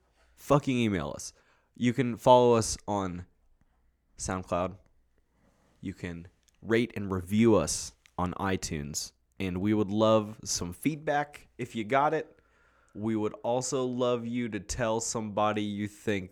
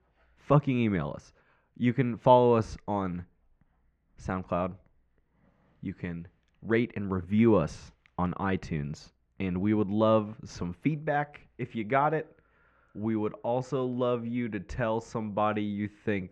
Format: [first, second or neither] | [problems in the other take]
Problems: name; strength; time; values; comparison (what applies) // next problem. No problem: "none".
first | muffled; very; fading above 2 kHz